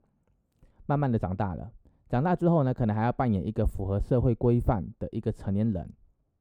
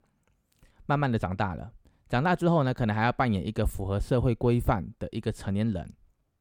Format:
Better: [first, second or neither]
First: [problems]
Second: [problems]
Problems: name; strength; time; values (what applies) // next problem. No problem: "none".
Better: second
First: muffled; slightly; fading above 1 kHz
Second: none